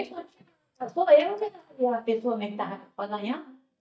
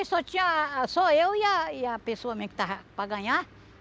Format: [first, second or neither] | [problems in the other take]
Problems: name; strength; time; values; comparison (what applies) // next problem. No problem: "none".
second | noise reduction (neural mask model DeepFilterNet 3)